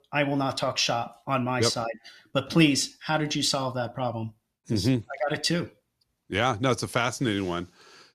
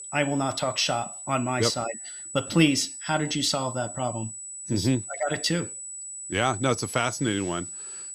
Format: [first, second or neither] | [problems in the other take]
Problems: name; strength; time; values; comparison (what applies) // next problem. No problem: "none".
first | high-pitched whine; loud; throughout; 8 kHz, 9 dB below the speech